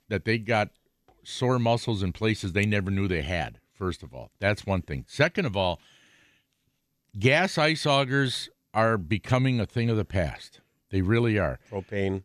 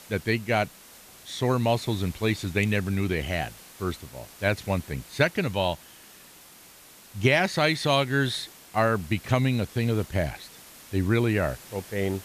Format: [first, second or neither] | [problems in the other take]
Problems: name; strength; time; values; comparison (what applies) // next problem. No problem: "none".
first | hiss; noticeable; throughout; 20 dB below the speech